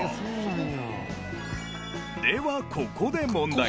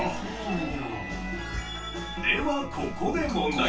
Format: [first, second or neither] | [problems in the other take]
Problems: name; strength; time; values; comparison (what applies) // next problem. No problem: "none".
first | room echo; dies away in 0.2 s